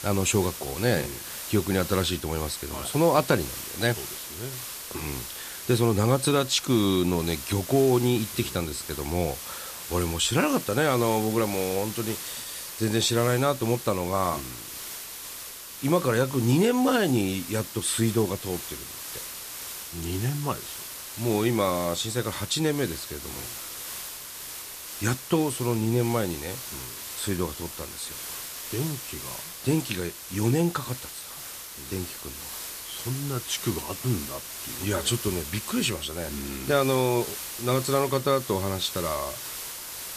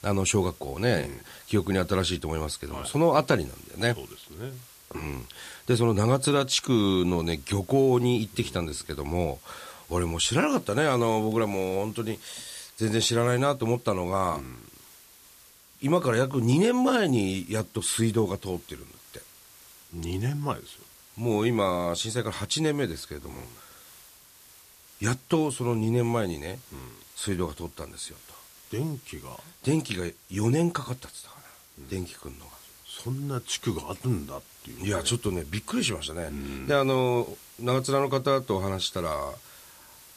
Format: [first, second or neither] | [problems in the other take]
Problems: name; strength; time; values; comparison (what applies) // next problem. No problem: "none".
second | hiss; loud; throughout; 9 dB below the speech; faint in the second